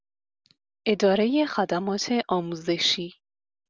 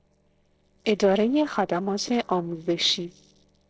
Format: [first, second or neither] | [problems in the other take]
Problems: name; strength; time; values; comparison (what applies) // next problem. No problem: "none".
first | noise reduction (neural separator model SepFormer DNS4)